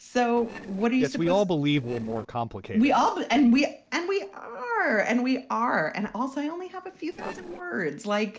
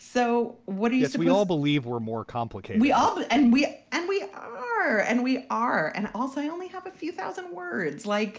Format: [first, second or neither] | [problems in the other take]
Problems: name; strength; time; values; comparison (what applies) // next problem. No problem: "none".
second | noise reduction (neural separator model SepFormer DNS4)